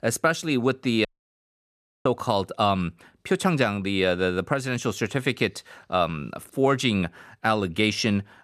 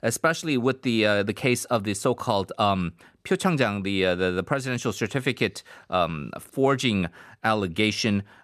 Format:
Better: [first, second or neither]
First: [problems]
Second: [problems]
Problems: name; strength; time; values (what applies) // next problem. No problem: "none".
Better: second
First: audio cutting out; at 1 s for 1 s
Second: none